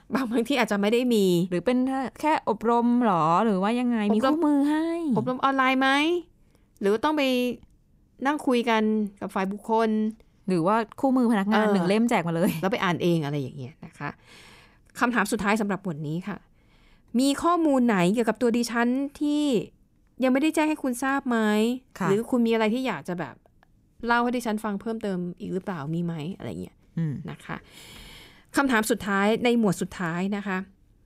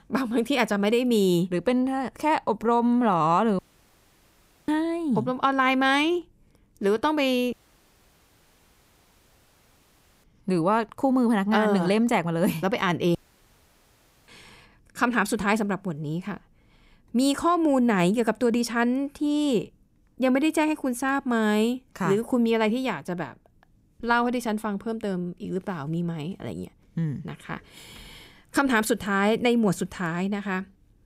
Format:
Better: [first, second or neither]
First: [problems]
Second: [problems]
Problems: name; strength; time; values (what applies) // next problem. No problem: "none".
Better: first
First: none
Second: audio cutting out; at 3.5 s for 1 s, at 7.5 s for 2.5 s and at 13 s for 1 s